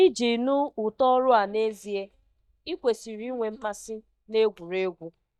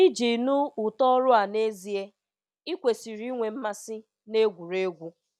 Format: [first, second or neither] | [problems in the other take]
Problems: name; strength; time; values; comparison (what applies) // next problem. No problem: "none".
second | noise reduction (neural mask model DeepFilterNet 3)